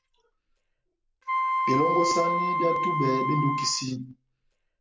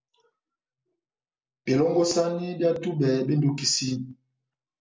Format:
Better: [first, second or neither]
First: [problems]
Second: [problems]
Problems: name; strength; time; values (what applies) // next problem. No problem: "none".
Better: second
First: background sound (Wind instrument, woodwind instrument); 1 dB above the speech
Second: none